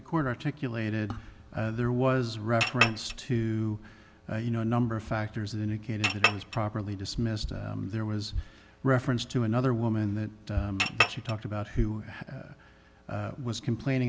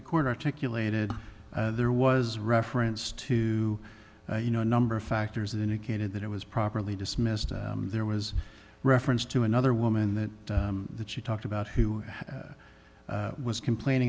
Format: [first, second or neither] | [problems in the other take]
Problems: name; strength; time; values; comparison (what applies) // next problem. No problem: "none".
second | background sound (Chink, clink); 1 dB below the speech